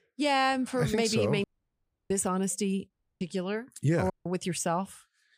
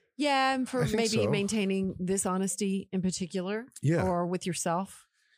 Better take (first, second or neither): second